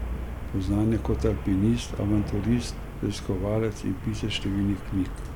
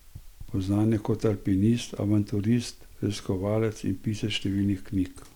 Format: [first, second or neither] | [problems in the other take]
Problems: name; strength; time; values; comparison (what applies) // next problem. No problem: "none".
second | background sound (Traffic noise, roadway noise); 6 dB below the speech